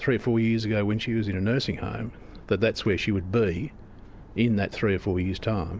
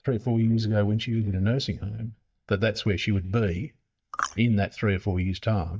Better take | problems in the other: first | noise reduction (neural mask model DeepFilterNet 3)

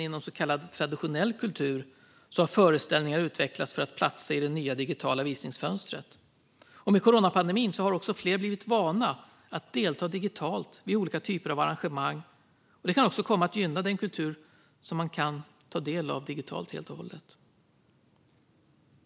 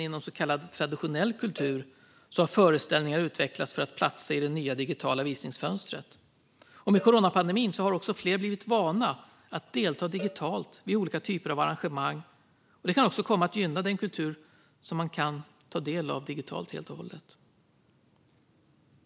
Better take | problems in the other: first | background sound (Cowbell); 20 dB below the speech

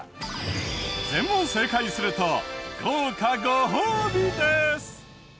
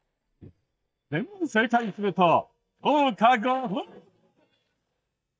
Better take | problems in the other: first | noise reduction (neural mask model DeepFilterNet 3)

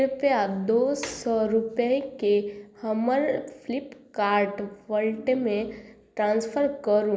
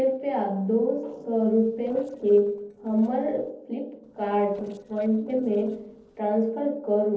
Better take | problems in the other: first | noise reduction (neural separator model SepFormer DNS4)

